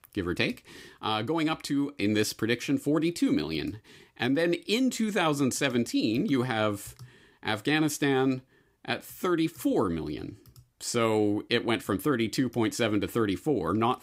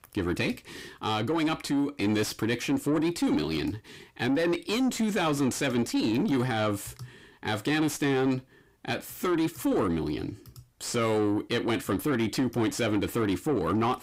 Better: first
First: none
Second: distortion; slight; 10 dB below the speech

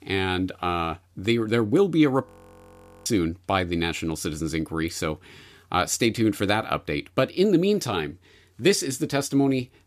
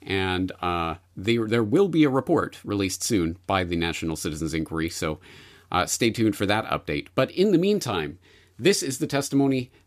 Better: second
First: audio freezing; at 2.5 s for 1 s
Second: none

